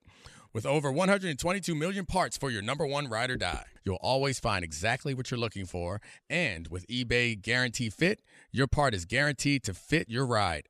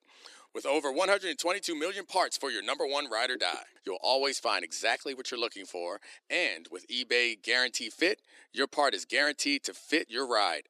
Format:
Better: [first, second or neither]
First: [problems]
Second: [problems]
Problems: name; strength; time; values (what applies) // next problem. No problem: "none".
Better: first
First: none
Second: thin; somewhat; fading below 300 Hz